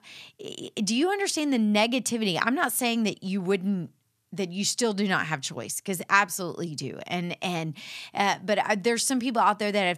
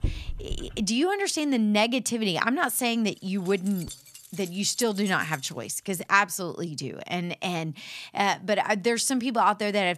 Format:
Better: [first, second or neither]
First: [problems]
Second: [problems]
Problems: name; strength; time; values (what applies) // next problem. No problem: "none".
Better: first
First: none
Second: dog barking; noticeable; at the start; peak 7 dB below the speech // jangling keys; faint; from 3.5 to 6 s; peak 15 dB below the speech